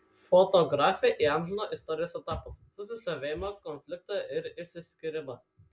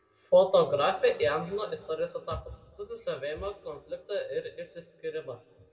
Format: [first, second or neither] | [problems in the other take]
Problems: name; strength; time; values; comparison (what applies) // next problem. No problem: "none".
first | room echo; dies away in 1.4 s